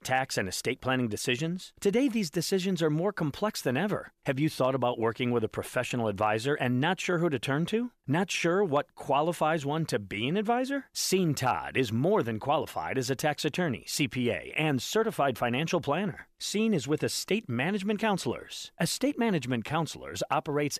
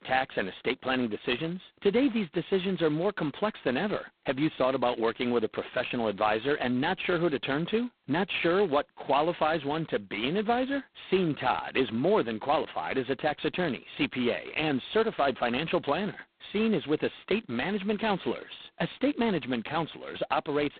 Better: first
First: none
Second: phone-call audio; poor line; nothing above 4 kHz

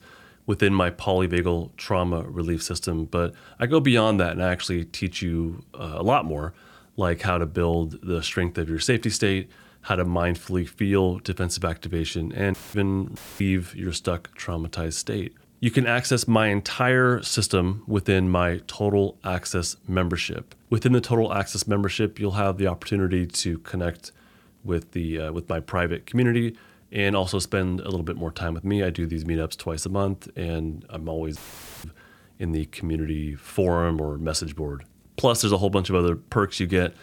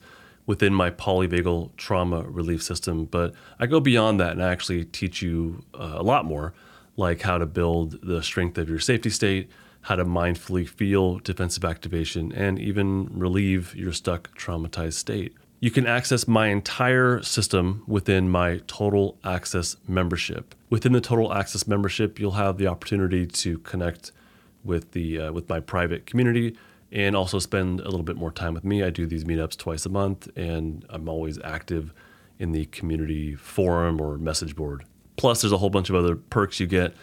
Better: second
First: audio cutting out; filled with static; at 13 s and at 31 s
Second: none

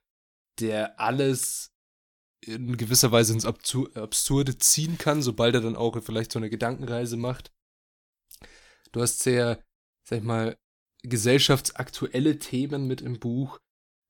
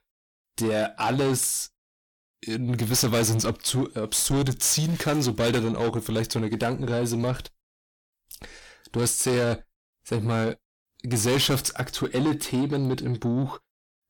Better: first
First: none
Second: distortion; heavy; 7 dB below the speech

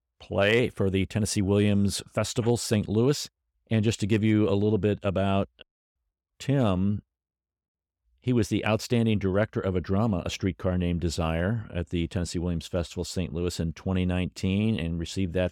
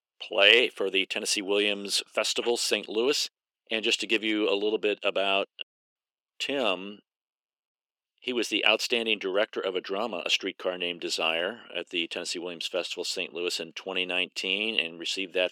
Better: first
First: none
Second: thin; very; fading below 350 Hz

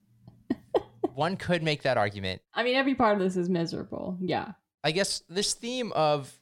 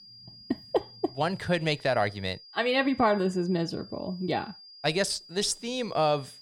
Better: first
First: none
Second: high-pitched whine; noticeable; throughout; 5 kHz, 20 dB below the speech

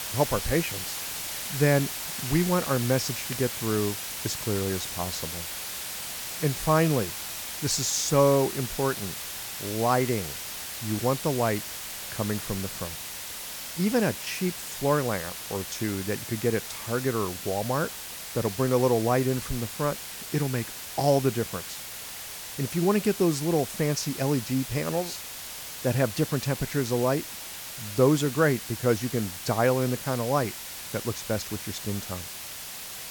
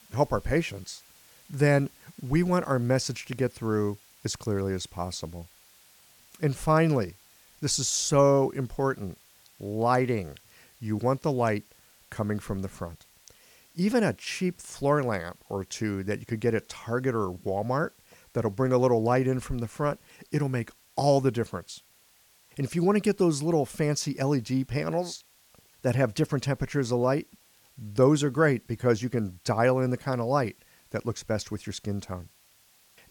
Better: second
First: hiss; loud; throughout; 7 dB below the speech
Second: hiss; faint; throughout; 30 dB below the speech

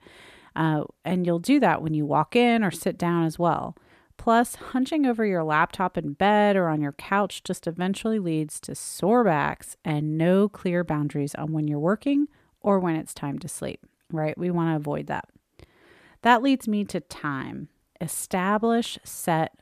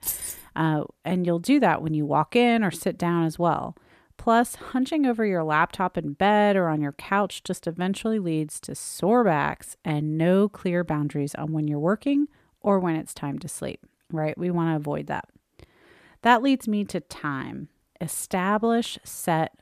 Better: first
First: none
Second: jangling keys; noticeable; at the start; peak 4 dB below the speech

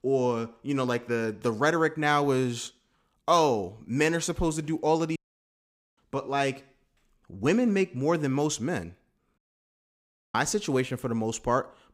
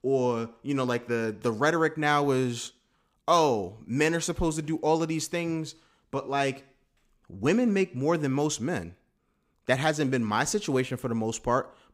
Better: second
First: audio cutting out; at 5 s for 1 s and at 9.5 s for 1 s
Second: none

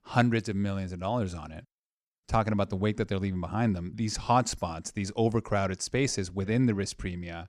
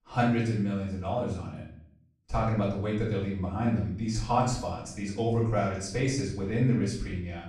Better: first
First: none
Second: room echo; noticeable; dies away in 0.6 s // off-mic speech; far

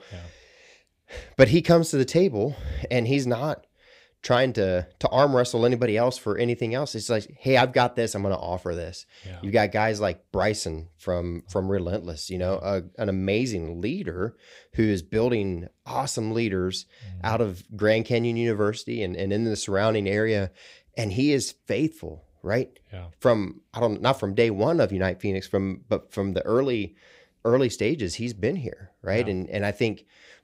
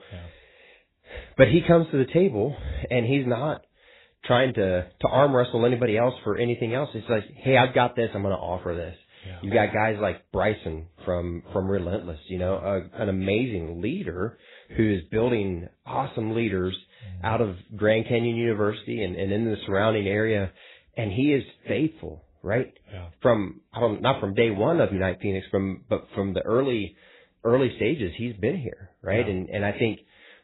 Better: first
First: none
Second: garbled, watery; badly; nothing above 4 kHz

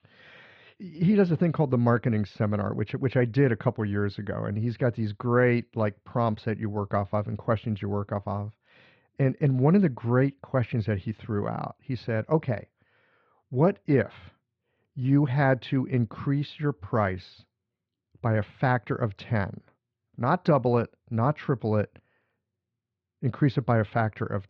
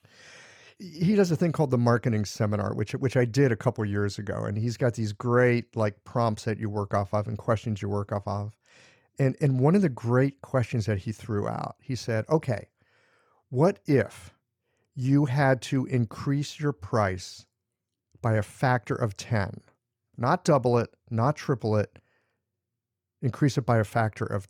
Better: second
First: muffled; slightly; fading above 4 kHz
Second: none

